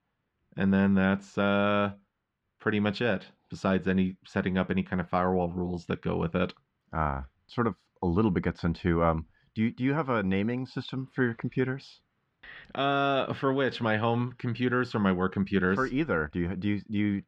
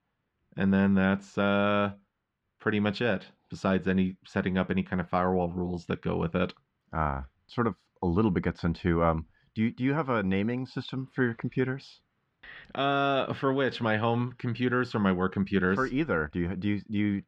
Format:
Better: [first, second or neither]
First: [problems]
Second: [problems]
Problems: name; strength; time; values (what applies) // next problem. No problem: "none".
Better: neither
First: muffled; slightly; fading above 3 kHz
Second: muffled; slightly; fading above 3 kHz